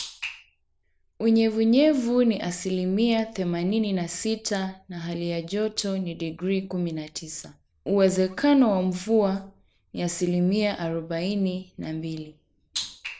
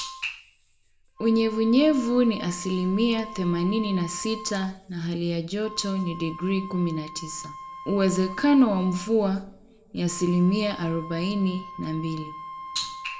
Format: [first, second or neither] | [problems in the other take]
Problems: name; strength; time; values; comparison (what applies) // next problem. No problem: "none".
first | background sound (Wind instrument, woodwind instrument); 15 dB below the speech // room echo; dies away in 0.5 s